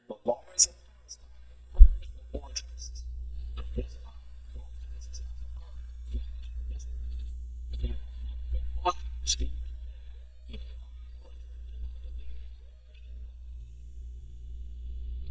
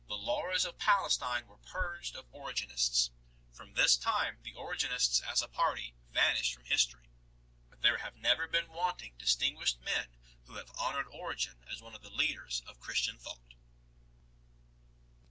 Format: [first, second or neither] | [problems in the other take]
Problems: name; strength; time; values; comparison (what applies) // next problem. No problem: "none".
second | noise reduction (neural mask model DeepFilterNet 3)